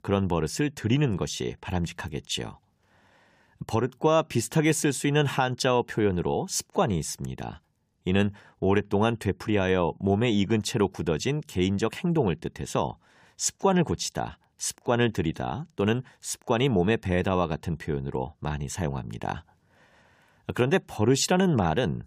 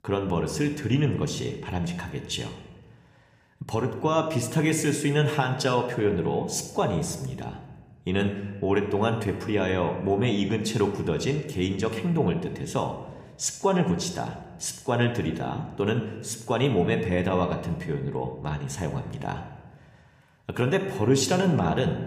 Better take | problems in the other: first | room echo; slight; dies away in 0.9 s

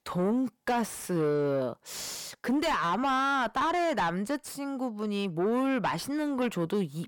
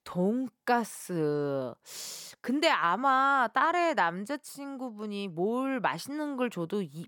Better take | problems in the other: second | distortion; heavy; 6 dB below the speech

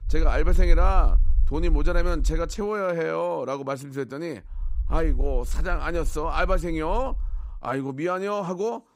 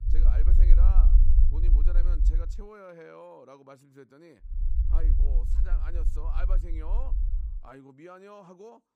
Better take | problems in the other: first | low rumble; loud; until 2.5 s and from 4.5 to 7.5 s; 2 dB below the speech; faint in the first

